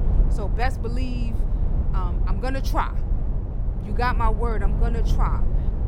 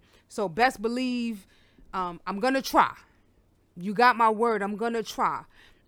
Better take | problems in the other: second | low rumble; noticeable; throughout; 10 dB below the speech

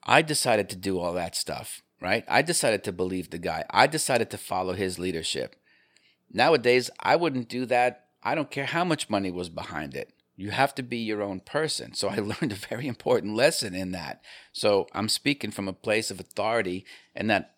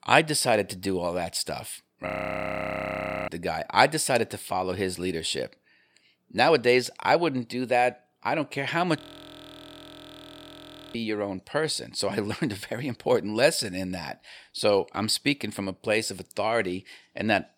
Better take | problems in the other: first | audio freezing; at 2 s for 1 s and at 9 s for 2 s

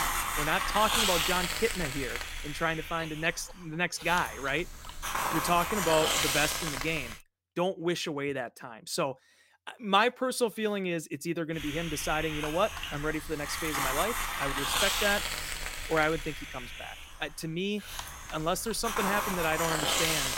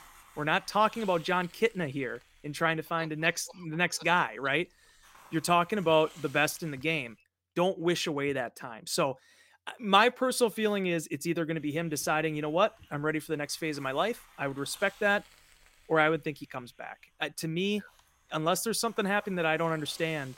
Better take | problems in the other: second | hiss; loud; until 7 s and from 12 s on; as loud as the speech; faint in the second

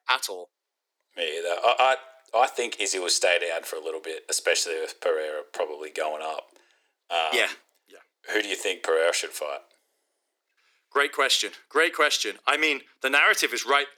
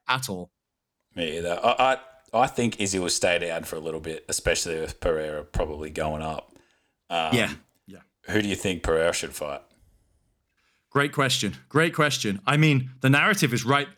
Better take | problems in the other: second | thin; very; fading below 350 Hz

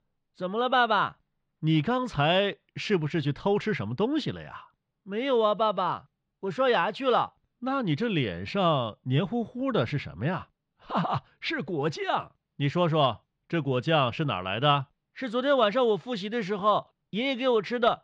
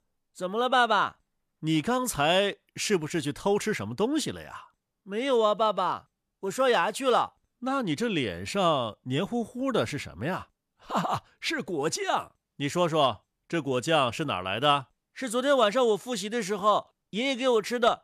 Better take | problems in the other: second | muffled; slightly; fading above 4 kHz

